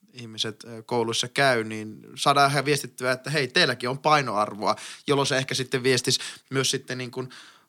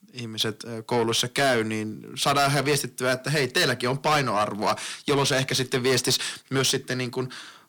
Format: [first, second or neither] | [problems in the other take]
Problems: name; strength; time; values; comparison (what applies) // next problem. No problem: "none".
first | distortion; heavy; 8 dB below the speech